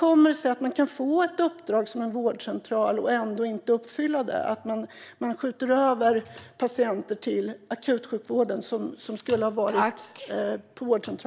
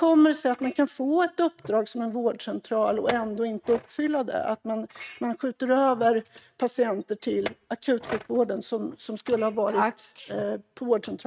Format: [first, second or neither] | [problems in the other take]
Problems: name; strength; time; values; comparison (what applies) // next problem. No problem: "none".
first | noise reduction (neural mask model RNNoise)